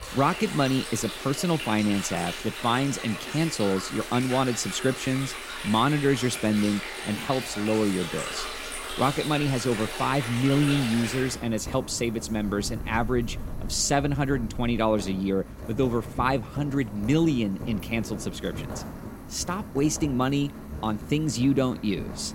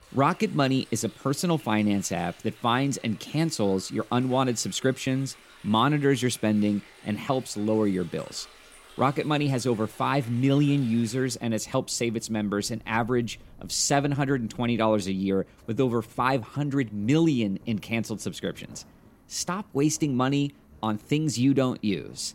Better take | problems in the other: second | rain or running water; loud; throughout; 9 dB below the speech; faint in the second

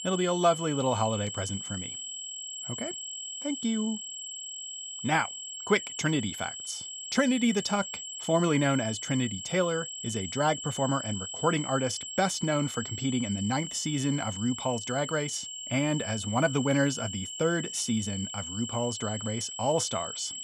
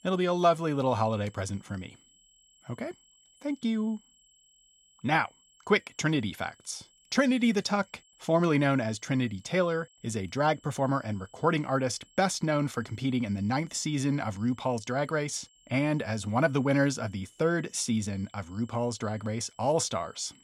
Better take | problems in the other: second | high-pitched whine; loud; throughout; 3 kHz, 7 dB below the speech; faint in the second

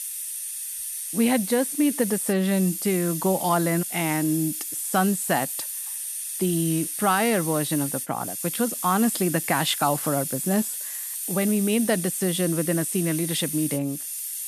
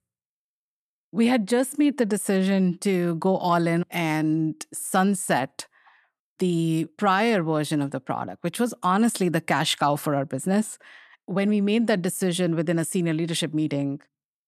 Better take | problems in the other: second | hiss; loud; throughout; 4 dB below the speech

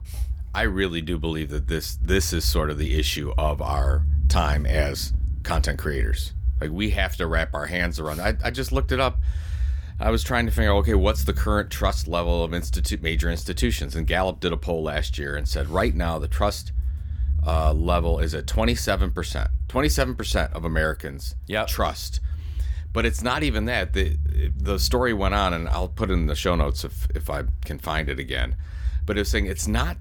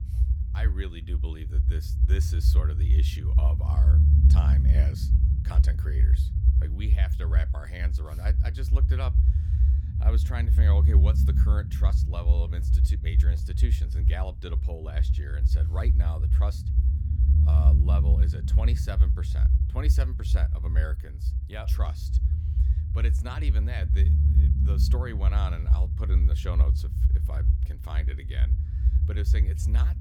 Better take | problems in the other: first | low rumble; loud; throughout; 1 dB below the speech; faint in the first

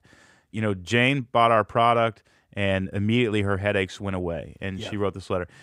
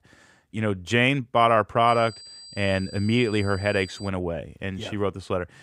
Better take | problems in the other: first | high-pitched whine; noticeable; from 2 to 4 s; 4.5 kHz, 20 dB below the speech

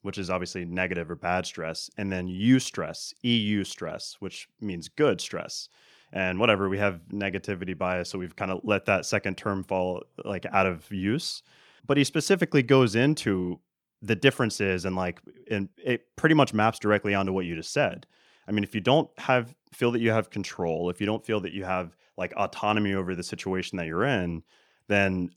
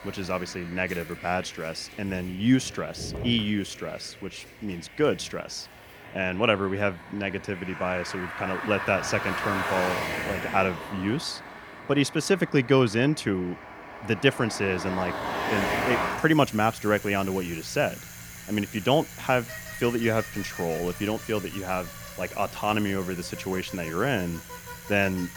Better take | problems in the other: first | traffic noise; loud; throughout; 8 dB below the speech

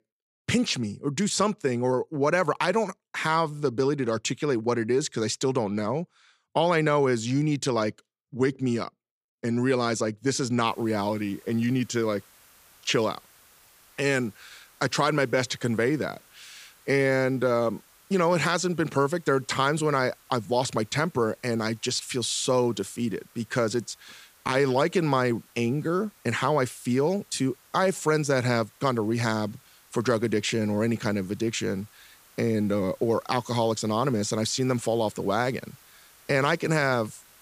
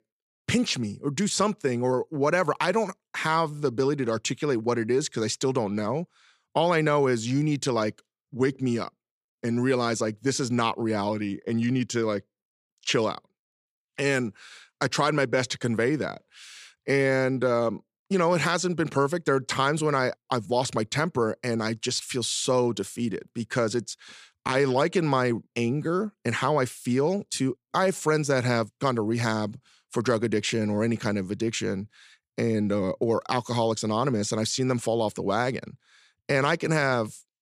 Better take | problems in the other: second | hiss; faint; from 11 s on; 30 dB below the speech

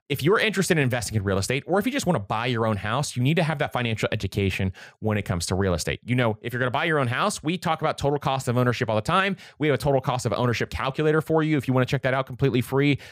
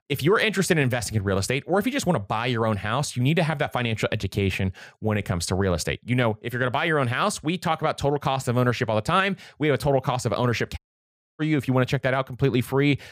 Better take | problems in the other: first | audio cutting out; at 11 s for 0.5 s

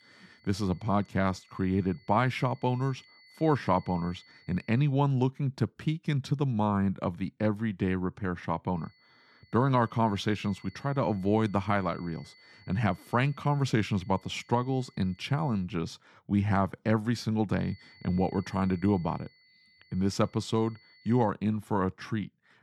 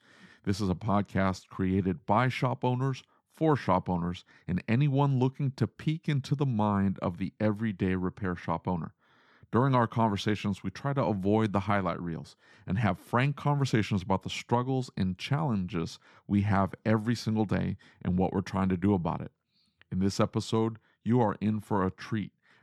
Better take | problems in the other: second | high-pitched whine; faint; until 5 s, from 9 to 16 s and from 18 to 21 s; 2 kHz, 30 dB below the speech

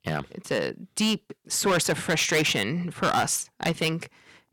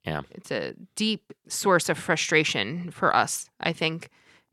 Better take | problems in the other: second | distortion; heavy; 8% of the sound clipped

